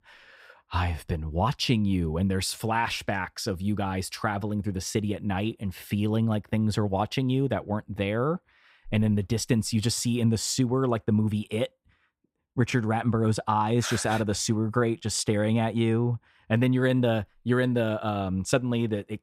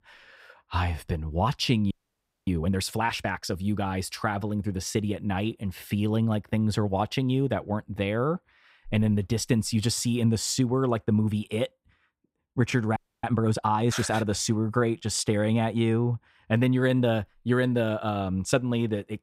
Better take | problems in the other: first | audio freezing; at 2 s for 0.5 s and at 13 s

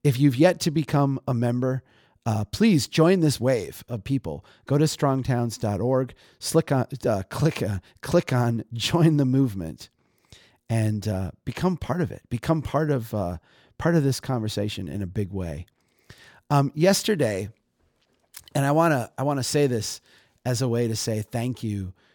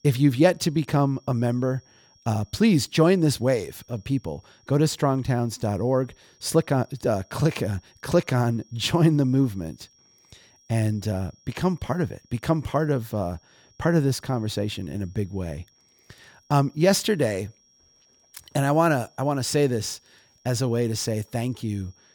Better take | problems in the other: first | high-pitched whine; faint; throughout; 5.5 kHz, 35 dB below the speech

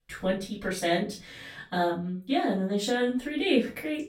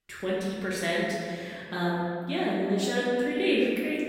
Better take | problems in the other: first | room echo; strong; dies away in 1.8 s; slight in the first // off-mic speech; far; far in the first

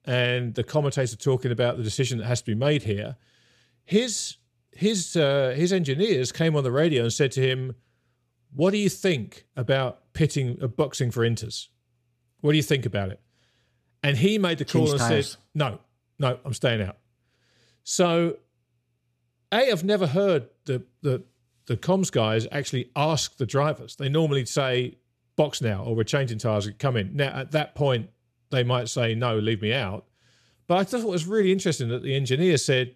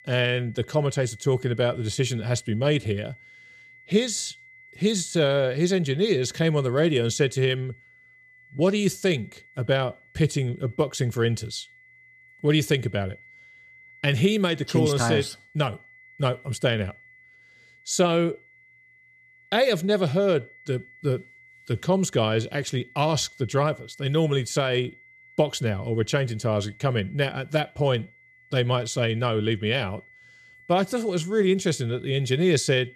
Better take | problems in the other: first | high-pitched whine; faint; throughout; 2 kHz, 25 dB below the speech

